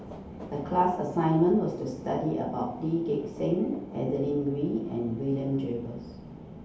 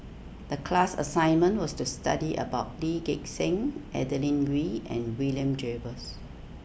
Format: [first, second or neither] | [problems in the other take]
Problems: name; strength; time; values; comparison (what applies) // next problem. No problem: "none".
second | background sound (Subway, metro, underground); 19 dB below the speech // room echo; dies away in 0.8 s